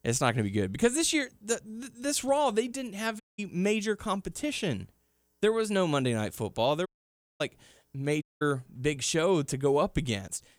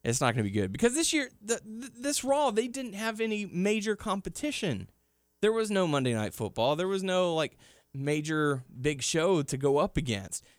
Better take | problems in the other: second | audio cutting out; at 3 s, at 7 s for 0.5 s and at 8 s

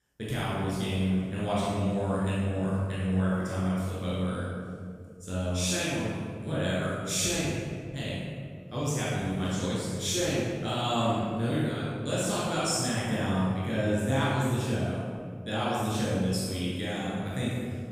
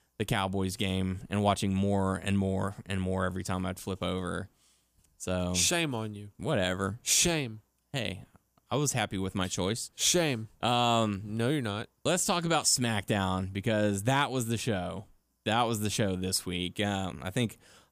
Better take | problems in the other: second | off-mic speech; far // room echo; strong; dies away in 2.2 s

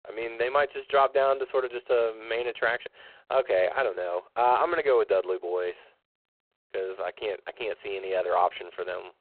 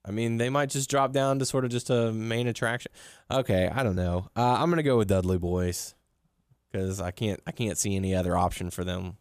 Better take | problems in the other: second | phone-call audio; poor line; nothing above 3.5 kHz

